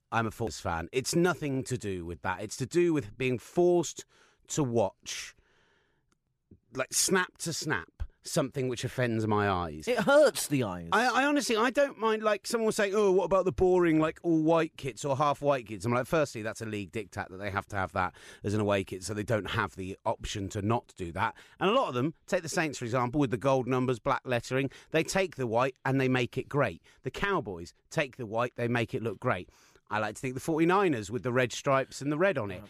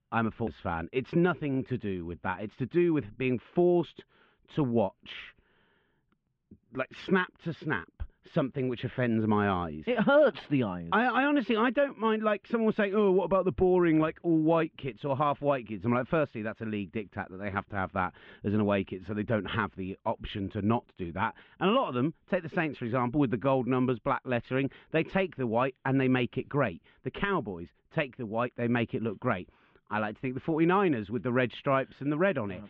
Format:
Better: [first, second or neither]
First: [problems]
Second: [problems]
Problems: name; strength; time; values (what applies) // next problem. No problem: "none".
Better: first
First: none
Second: muffled; very; fading above 3 kHz